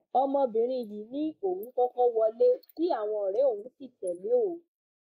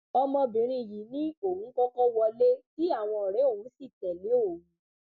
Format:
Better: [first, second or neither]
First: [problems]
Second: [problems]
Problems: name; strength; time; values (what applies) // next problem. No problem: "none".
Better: second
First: noise reduction (neural mask model Resemble Enhance denoiser)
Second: none